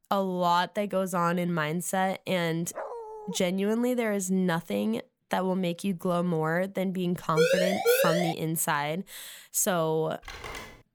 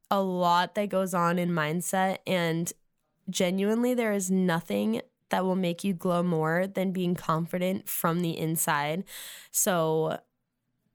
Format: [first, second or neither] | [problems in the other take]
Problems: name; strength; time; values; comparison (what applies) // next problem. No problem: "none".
second | dog barking; noticeable; at 2.5 s; peak 10 dB below the speech // siren; loud; at 7.5 s; peak 4 dB above the speech // phone ringing; faint; at 10 s; peak 10 dB below the speech